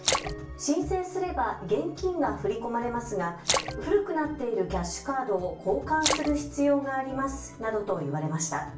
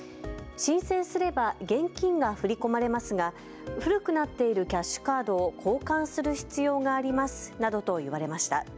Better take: second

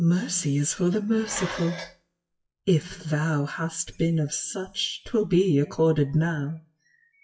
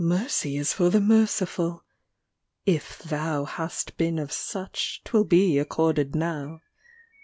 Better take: second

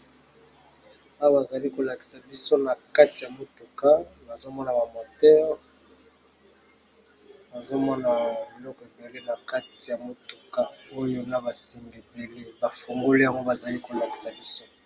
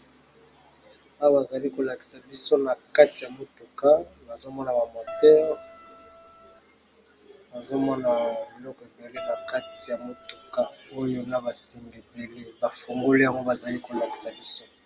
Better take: first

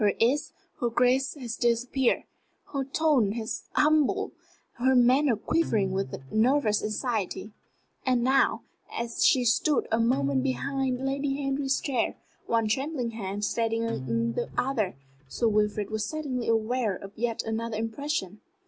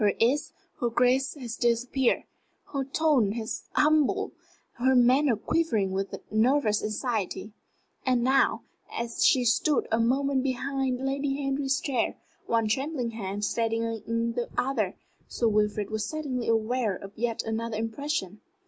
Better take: second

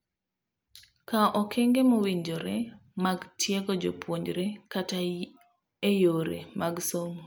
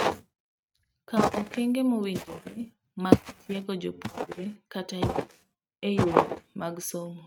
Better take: first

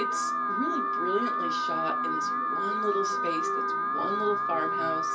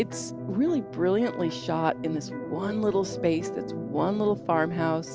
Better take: second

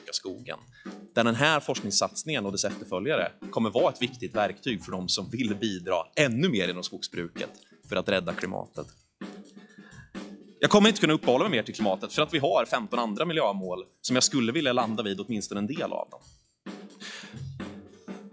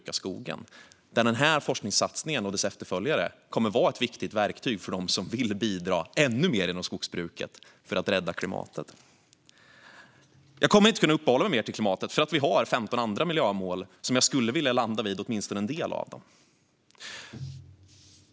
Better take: second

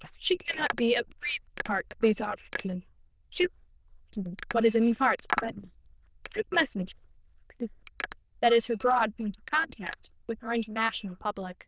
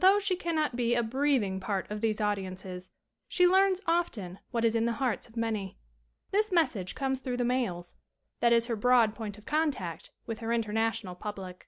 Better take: second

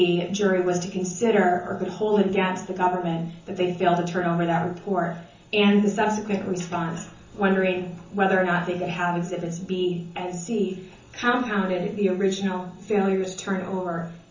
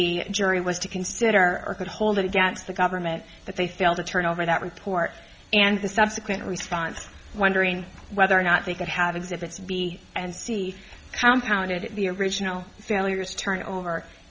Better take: second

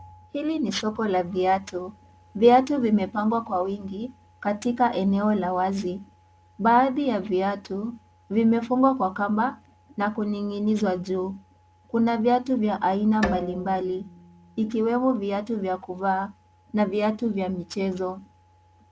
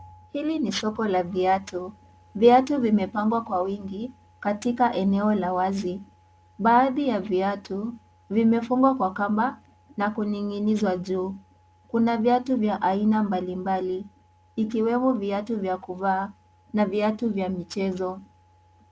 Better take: second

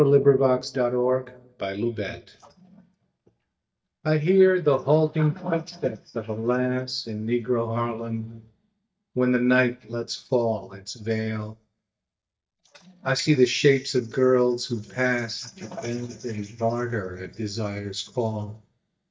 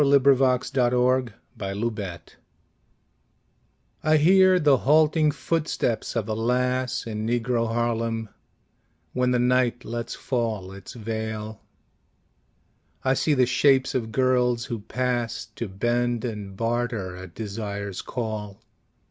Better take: second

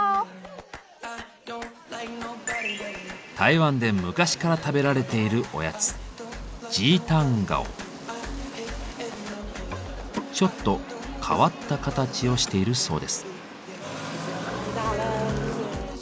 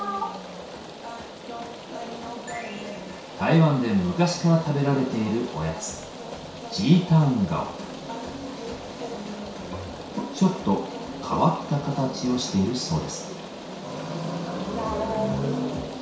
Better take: first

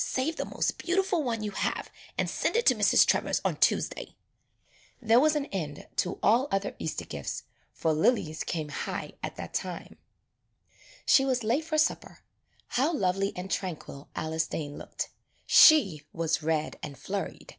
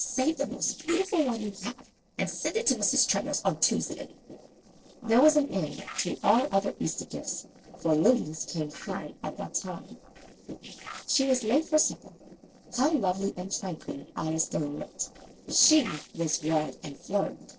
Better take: first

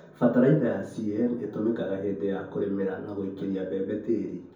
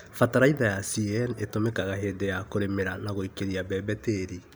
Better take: second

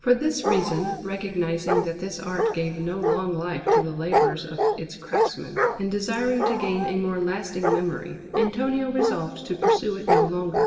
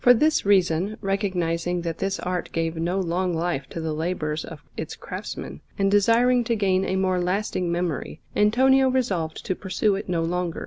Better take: second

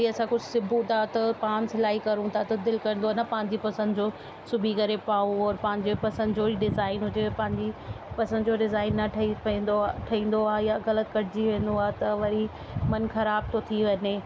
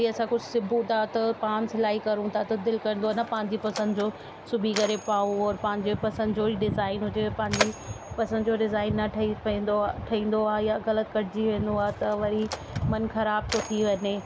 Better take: first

